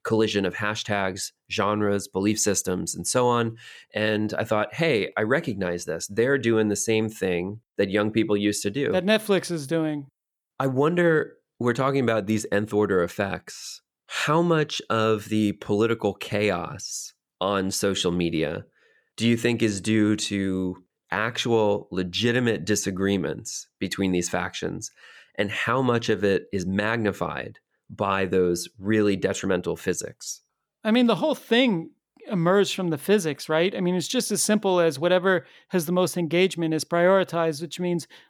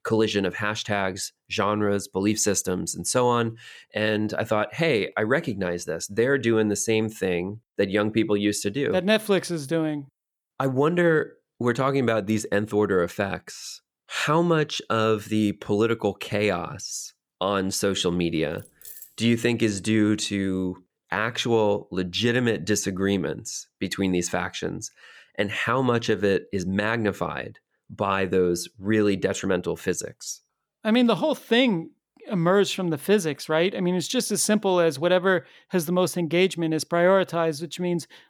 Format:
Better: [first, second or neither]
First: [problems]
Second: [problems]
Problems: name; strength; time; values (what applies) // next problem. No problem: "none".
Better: first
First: none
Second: jangling keys; faint; at 19 s; peak 15 dB below the speech